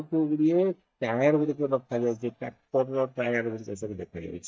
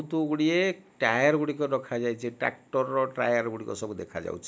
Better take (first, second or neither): second